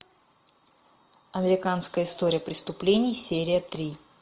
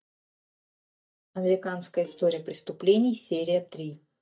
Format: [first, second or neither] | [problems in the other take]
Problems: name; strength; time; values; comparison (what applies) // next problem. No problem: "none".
first | noise reduction (neural mask model DeepFilterNet 3)